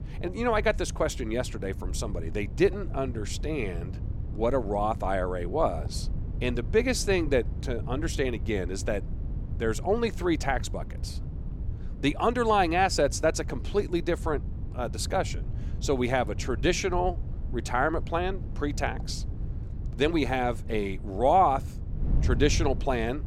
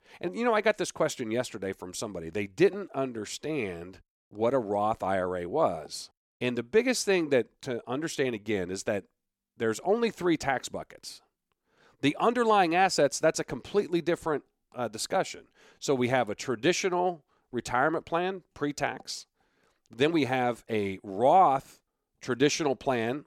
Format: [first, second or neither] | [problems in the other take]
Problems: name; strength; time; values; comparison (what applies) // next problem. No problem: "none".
second | wind noise on the microphone; occasional gusts; 20 dB below the speech